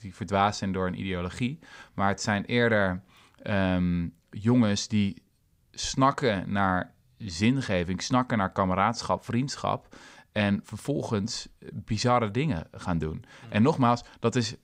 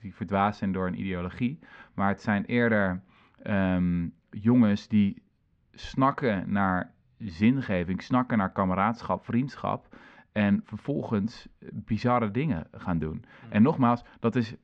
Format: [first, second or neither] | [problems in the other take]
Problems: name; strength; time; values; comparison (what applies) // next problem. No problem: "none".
first | muffled; slightly; fading above 2 kHz